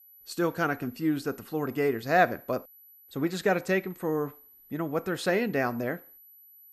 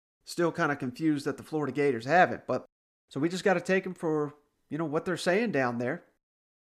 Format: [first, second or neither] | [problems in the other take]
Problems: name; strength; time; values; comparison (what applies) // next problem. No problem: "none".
second | high-pitched whine; faint; throughout; 12 kHz, 25 dB below the speech